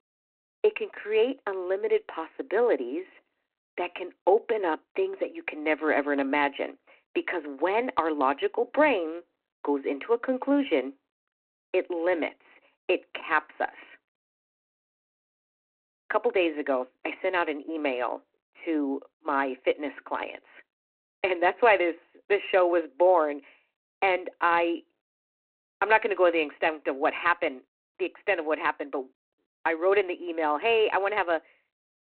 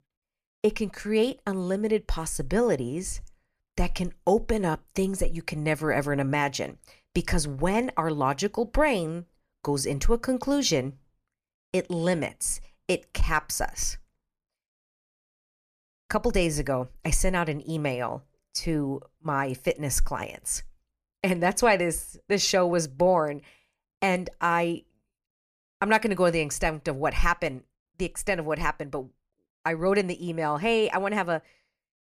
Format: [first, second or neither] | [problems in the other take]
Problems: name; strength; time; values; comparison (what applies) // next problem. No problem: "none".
second | phone-call audio; nothing above 4 kHz